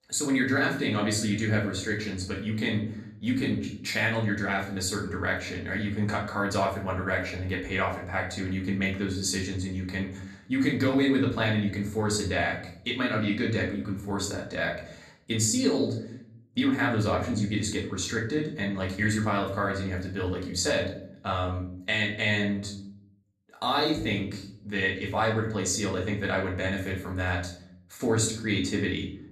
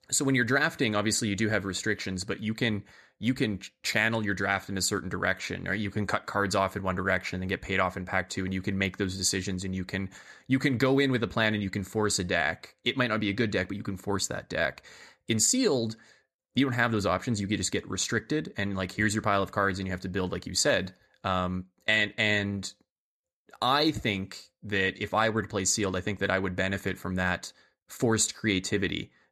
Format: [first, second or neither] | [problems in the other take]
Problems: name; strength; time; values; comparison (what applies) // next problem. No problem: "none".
second | off-mic speech; far // room echo; slight; dies away in 0.6 s